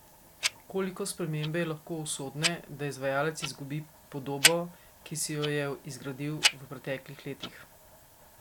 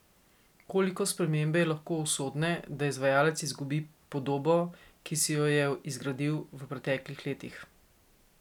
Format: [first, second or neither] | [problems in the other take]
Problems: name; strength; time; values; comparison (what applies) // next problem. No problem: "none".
second | background sound (Tick-tock); 1 dB below the speech